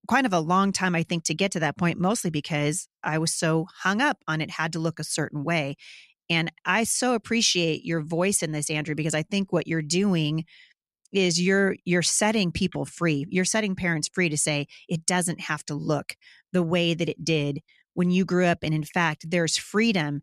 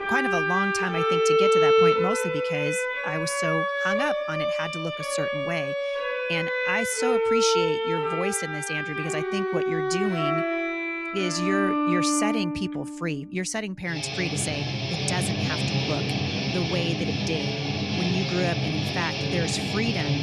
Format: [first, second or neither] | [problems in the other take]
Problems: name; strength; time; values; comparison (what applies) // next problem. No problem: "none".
first | background music; very loud; throughout; 4 dB above the speech